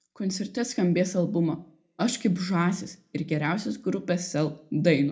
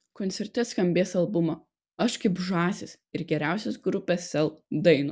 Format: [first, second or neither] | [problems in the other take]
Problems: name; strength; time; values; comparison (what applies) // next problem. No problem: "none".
second | room echo; dies away in 0.2 s